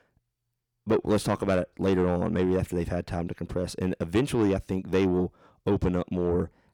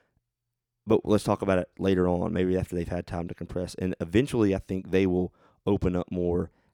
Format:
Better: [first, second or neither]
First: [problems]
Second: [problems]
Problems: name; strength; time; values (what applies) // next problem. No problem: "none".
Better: second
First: distortion; slight; 10 dB below the speech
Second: none